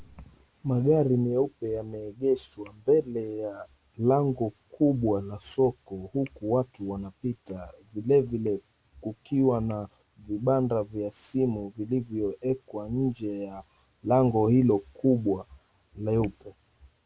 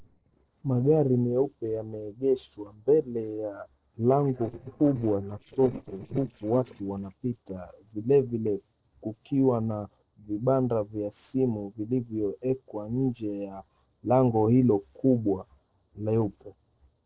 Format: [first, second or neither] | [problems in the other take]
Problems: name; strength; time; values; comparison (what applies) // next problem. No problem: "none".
first | noise reduction (neural separator model SepFormer DNS4)